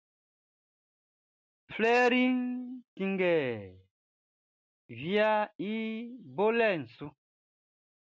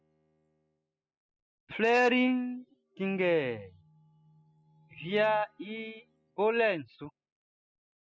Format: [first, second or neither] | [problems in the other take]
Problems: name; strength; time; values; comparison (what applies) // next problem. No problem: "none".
first | noise reduction (classical method spectral subtraction)